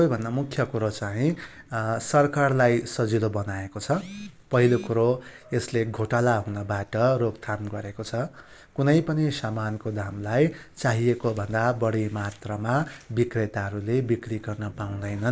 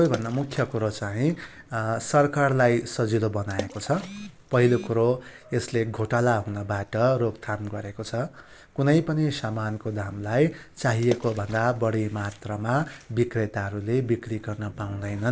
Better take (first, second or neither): first